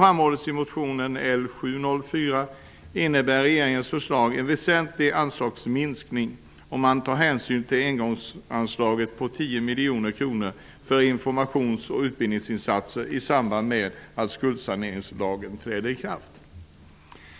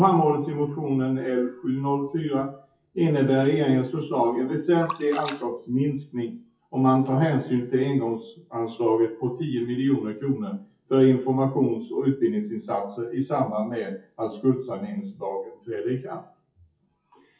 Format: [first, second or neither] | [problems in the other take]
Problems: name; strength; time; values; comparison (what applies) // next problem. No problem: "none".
first | noise reduction (classical method WPE with log-MMSE)